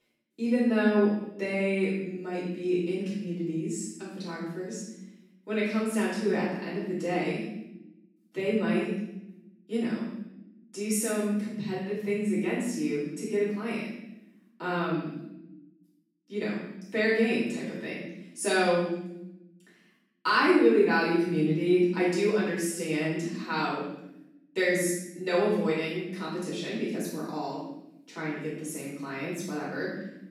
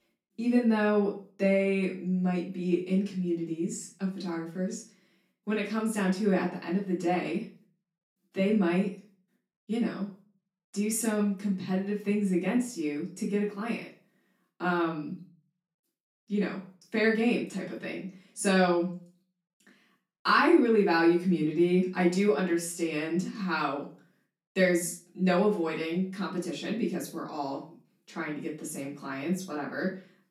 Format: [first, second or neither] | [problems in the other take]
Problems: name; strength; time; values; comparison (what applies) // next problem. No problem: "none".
second | room echo; strong; dies away in 0.8 s; slight in the second // off-mic speech; far; far in the second